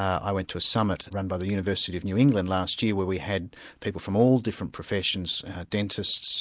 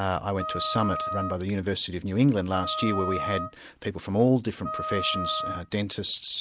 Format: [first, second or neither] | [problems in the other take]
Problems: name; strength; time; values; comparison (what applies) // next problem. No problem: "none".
first | background sound (Wind instrument, woodwind instrument); 7 dB below the speech